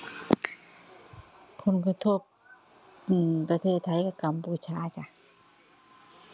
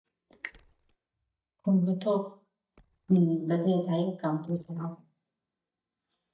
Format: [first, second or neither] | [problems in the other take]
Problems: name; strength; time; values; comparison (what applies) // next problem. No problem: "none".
first | noise reduction (neural mask model DeepFilterNet 3)